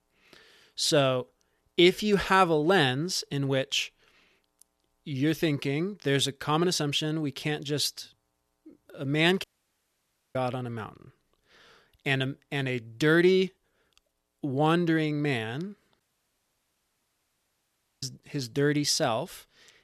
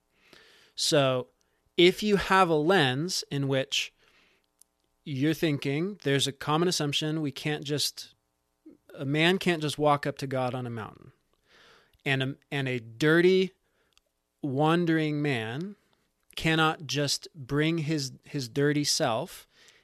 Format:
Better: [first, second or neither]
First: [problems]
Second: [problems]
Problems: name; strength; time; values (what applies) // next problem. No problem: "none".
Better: second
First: audio cutting out; at 9.5 s for 1 s and at 16 s for 2 s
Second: none